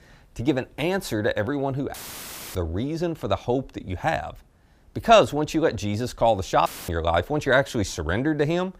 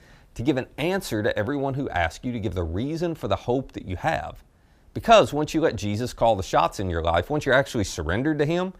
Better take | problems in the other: second | audio cutting out; filled with static; at 2 s for 0.5 s and at 6.5 s

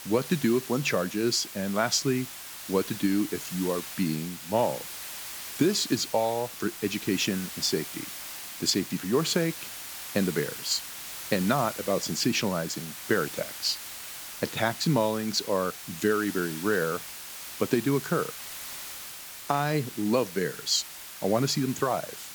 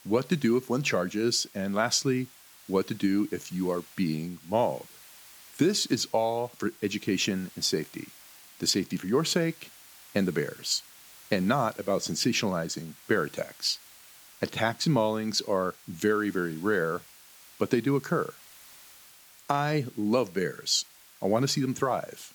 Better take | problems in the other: second | hiss; loud; throughout; 9 dB below the speech; faint in the second

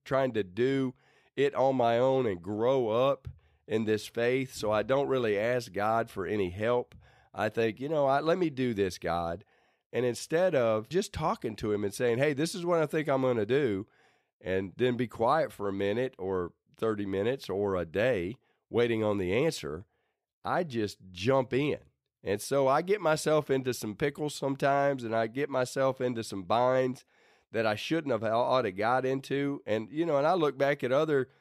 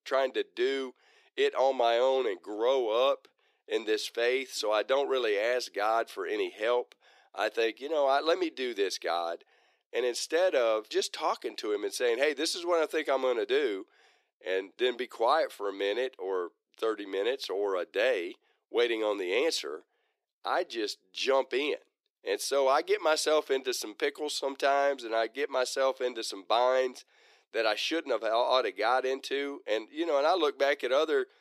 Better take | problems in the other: first | thin; somewhat; fading below 350 Hz

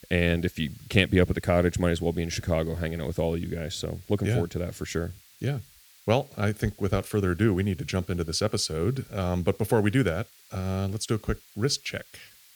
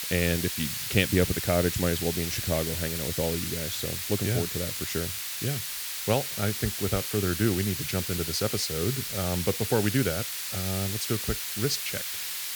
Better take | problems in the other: first | hiss; loud; throughout; 1 dB below the speech; faint in the first

